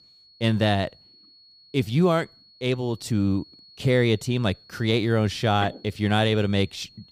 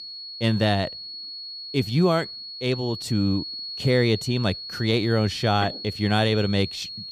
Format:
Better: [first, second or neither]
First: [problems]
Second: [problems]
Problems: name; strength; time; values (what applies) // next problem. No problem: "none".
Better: first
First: high-pitched whine; faint; throughout; 4.5 kHz, 25 dB below the speech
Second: high-pitched whine; loud; throughout; 4.5 kHz, 9 dB below the speech